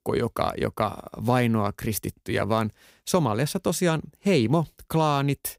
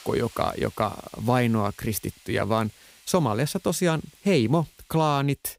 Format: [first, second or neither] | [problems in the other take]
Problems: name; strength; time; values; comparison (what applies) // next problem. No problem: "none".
first | hiss; faint; throughout; 25 dB below the speech